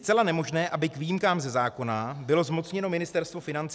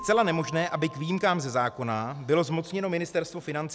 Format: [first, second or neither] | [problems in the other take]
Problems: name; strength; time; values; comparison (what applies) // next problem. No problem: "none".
first | background sound (Keyboard (musical)); 18 dB below the speech